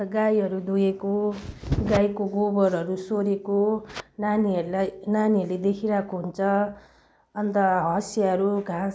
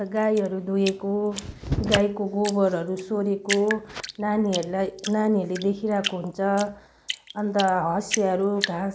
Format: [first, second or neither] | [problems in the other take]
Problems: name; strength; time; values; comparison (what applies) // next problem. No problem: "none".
first | background sound (Drip); 11 dB below the speech